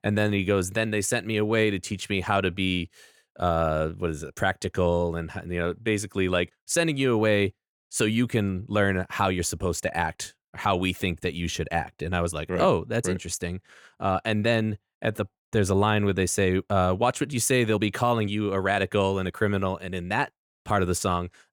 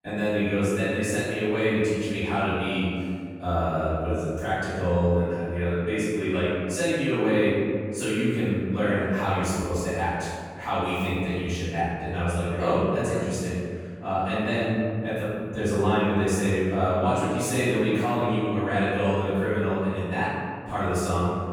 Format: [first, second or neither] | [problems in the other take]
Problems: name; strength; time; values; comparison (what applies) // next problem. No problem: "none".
first | off-mic speech; far // room echo; strong; dies away in 2 s